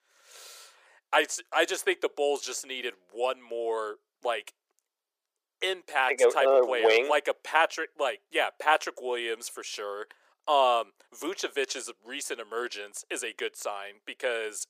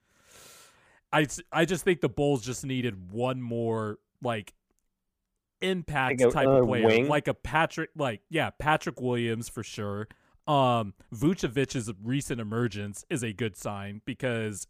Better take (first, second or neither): second